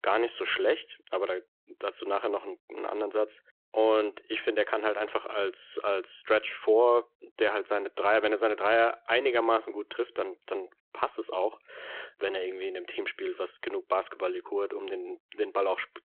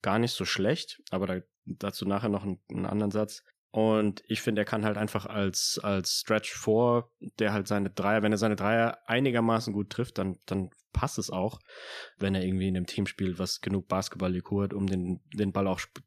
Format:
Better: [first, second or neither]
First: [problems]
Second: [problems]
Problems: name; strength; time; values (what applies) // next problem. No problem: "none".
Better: second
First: phone-call audio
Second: none